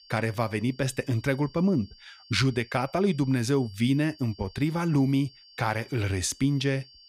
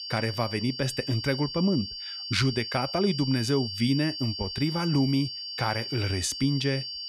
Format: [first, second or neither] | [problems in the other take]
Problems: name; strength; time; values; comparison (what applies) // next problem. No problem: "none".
first | high-pitched whine; loud; throughout; 4.5 kHz, 6 dB below the speech; faint in the first